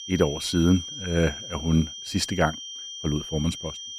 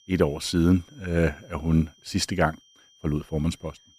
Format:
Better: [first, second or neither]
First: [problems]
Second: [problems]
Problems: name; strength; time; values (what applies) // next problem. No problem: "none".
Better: second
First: high-pitched whine; loud; throughout; 3 kHz, 9 dB below the speech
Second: high-pitched whine; faint; throughout; 3 kHz, 30 dB below the speech